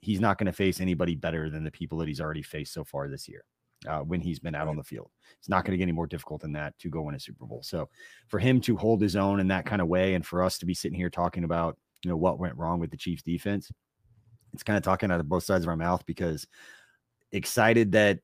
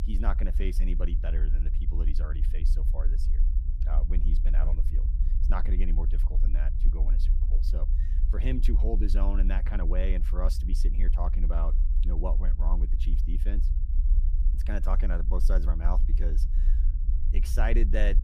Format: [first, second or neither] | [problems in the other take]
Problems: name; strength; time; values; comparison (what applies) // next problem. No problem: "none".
first | low rumble; noticeable; throughout; 10 dB below the speech